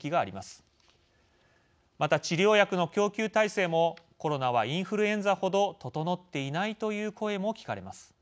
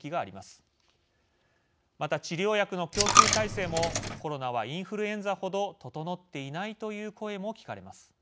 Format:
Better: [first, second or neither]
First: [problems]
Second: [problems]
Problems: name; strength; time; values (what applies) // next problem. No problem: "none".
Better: first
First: none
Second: background sound (Coin (dropping)); 4 dB above the speech